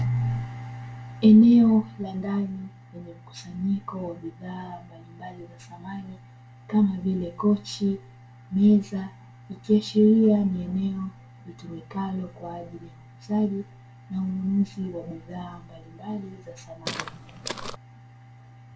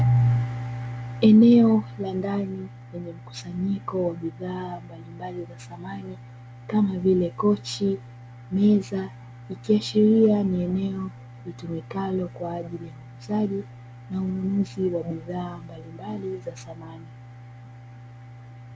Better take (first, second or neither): second